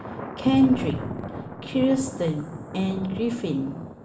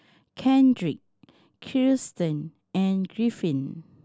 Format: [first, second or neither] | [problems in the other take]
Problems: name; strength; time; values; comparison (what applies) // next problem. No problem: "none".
second | background sound (Thunder); 8 dB below the speech // room echo; dies away in 1.8 s